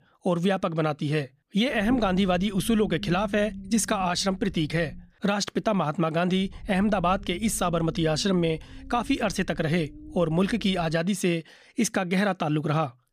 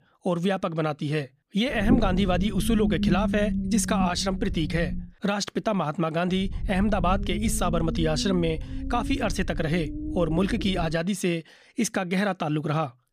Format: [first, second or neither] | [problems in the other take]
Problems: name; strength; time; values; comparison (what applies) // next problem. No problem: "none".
first | low rumble; loud; from 2 to 5 s and from 6.5 to 11 s; 10 dB below the speech; faint in the first